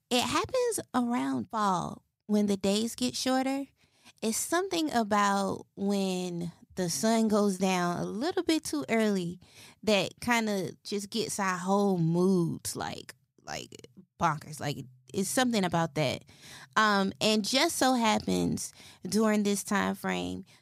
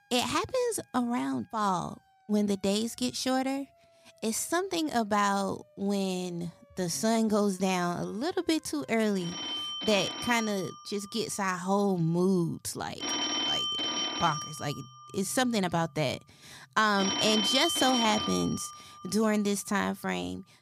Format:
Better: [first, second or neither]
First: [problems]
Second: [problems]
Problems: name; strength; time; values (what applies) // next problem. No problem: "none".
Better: first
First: none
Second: alarms or sirens; loud; throughout; 2 dB below the speech